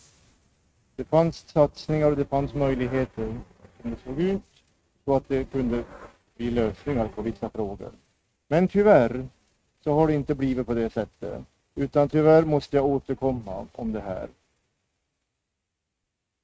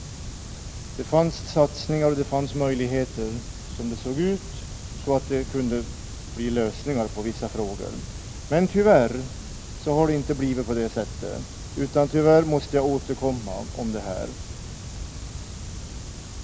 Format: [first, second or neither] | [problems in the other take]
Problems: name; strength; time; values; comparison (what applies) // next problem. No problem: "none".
second | noise reduction (neural mask model RNNoise)